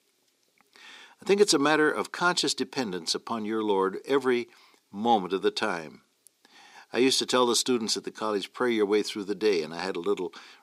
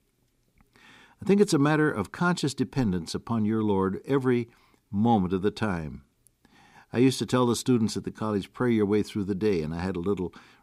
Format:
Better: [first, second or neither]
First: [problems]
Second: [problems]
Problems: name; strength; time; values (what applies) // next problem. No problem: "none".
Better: second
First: thin; somewhat; fading below 400 Hz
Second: none